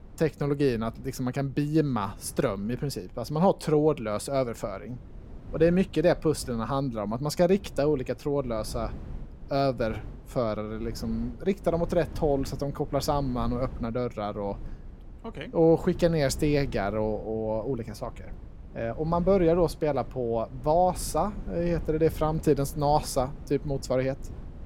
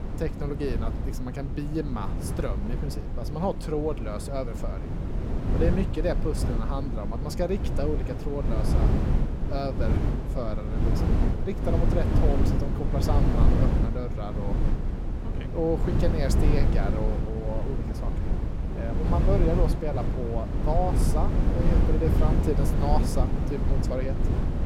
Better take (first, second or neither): first